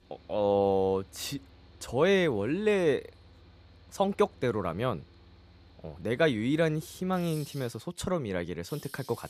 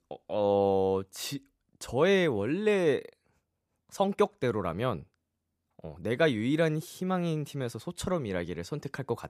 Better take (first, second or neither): second